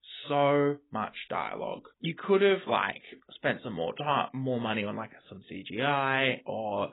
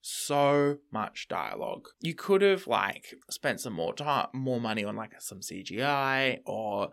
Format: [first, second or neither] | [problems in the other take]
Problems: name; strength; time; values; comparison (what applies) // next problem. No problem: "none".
second | garbled, watery; badly; nothing above 4 kHz